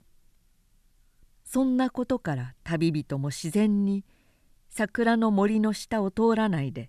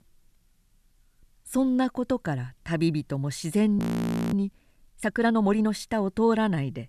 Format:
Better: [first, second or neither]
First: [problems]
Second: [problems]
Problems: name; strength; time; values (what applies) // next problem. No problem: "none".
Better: first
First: none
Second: audio freezing; at 4 s for 0.5 s